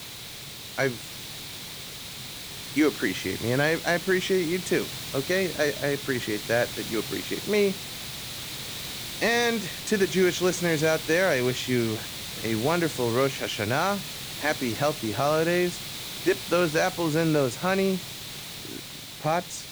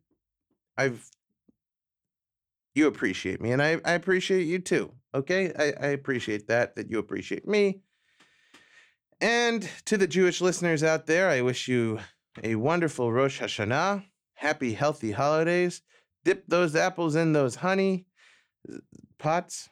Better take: second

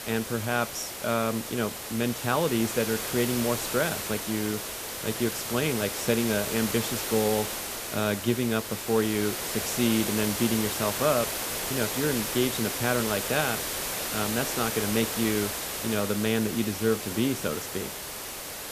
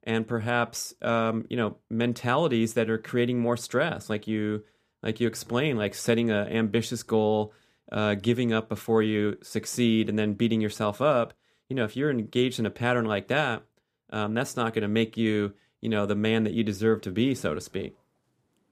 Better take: second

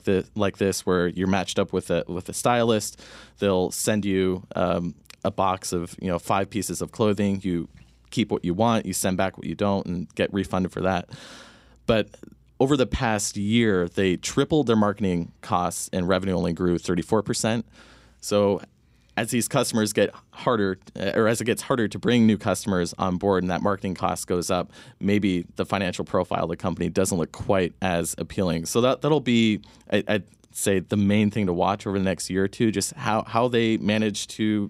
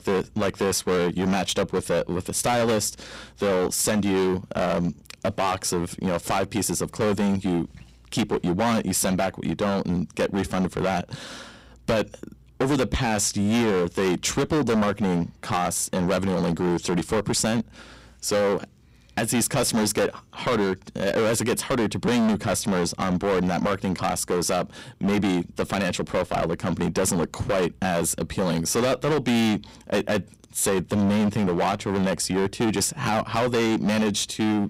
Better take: first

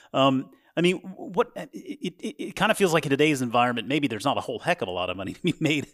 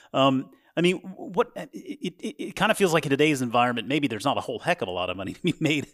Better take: neither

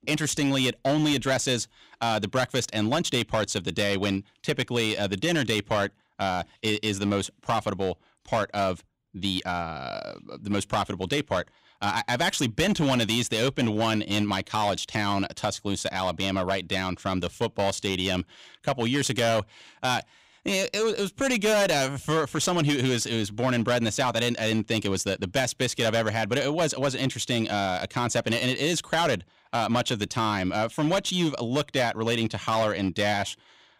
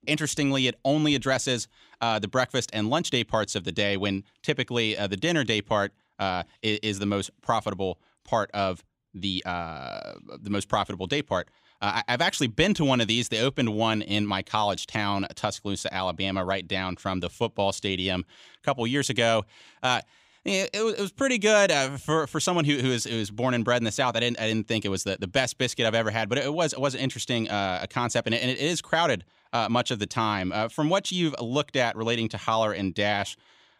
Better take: second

